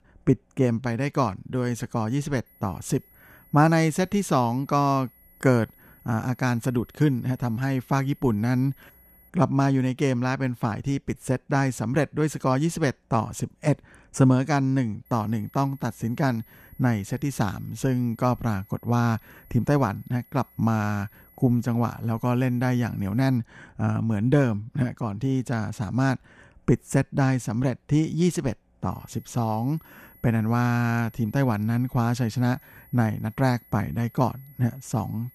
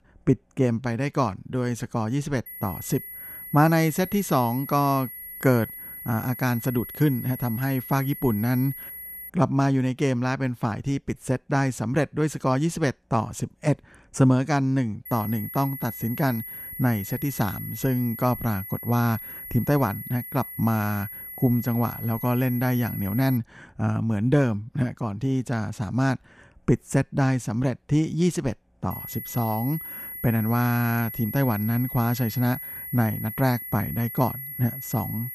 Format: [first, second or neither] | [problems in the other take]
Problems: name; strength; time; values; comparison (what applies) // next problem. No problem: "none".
first | high-pitched whine; loud; from 2.5 to 9.5 s, from 15 to 23 s and from 29 s on; 11.5 kHz, 9 dB below the speech; faint in the first